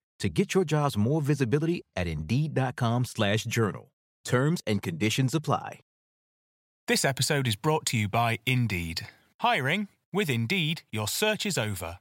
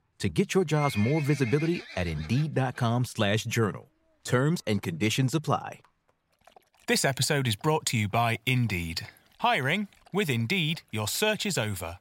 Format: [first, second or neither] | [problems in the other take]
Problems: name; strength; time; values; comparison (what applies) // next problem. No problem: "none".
first | animal sounds; noticeable; throughout; 15 dB below the speech